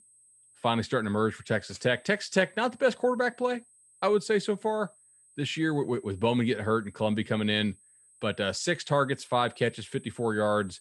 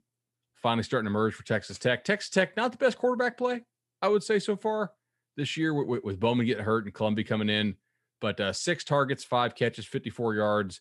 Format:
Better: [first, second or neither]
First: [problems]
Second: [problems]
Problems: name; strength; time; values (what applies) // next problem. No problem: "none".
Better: second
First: high-pitched whine; faint; throughout; 8 kHz, 25 dB below the speech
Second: none